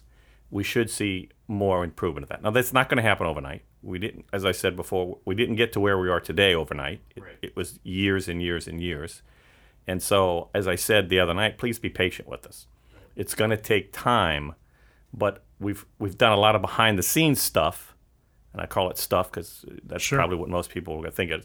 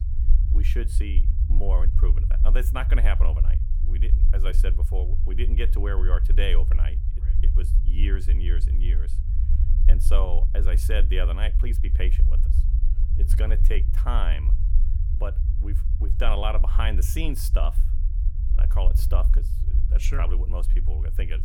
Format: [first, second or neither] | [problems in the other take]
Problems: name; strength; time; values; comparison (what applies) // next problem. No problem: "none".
first | low rumble; loud; throughout; 10 dB below the speech